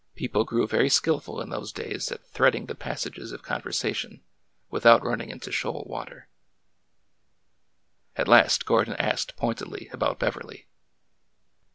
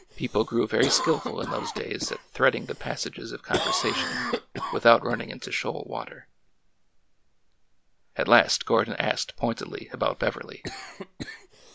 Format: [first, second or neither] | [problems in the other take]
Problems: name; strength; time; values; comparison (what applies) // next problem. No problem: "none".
first | background sound (Cough); 9 dB below the speech